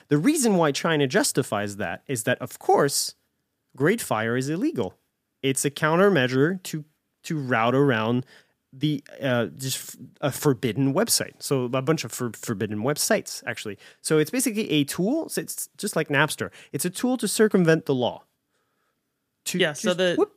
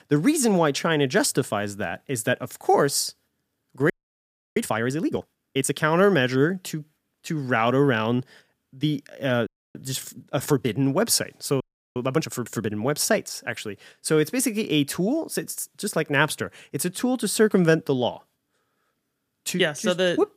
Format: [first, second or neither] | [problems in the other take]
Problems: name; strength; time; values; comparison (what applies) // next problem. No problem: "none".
first | audio freezing; at 4 s for 0.5 s, at 9.5 s and at 12 s